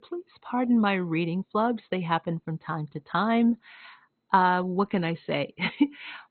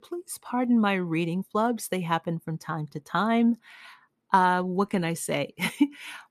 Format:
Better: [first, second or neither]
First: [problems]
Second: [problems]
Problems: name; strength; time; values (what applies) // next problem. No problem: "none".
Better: second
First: garbled, watery; badly; nothing above 4 kHz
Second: none